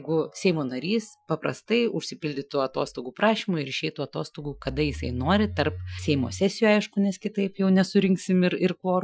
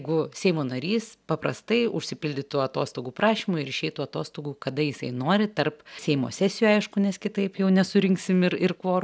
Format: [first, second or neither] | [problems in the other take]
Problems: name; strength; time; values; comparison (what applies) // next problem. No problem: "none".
second | noise reduction (classical method Wiener filter)